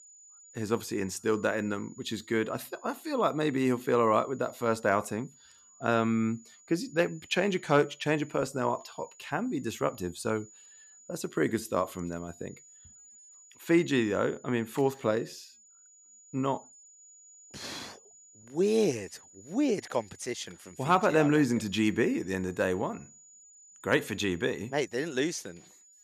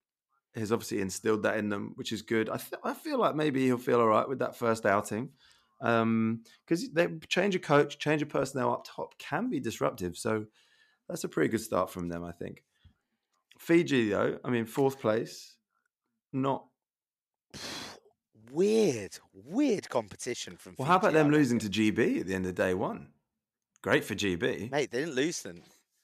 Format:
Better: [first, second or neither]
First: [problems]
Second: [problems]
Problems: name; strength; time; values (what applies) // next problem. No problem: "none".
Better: second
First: high-pitched whine; faint; throughout; 7 kHz, 25 dB below the speech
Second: none